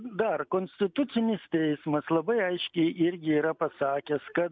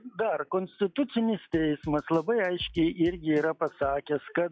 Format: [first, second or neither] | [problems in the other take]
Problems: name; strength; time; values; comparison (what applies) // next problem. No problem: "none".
first | noise reduction (classical method log-MMSE)